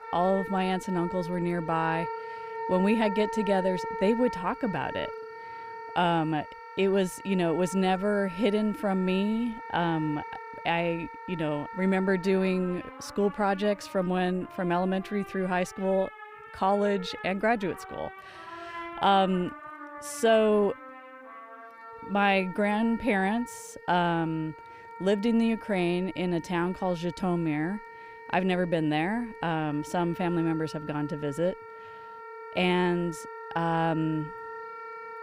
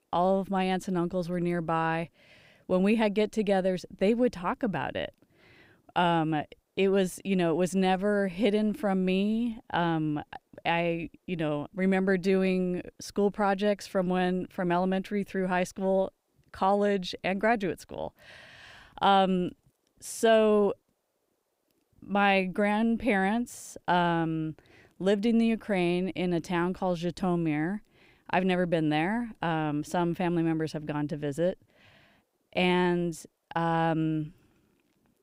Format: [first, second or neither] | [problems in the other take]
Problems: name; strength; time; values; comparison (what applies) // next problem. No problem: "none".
second | background music; noticeable; throughout; 15 dB below the speech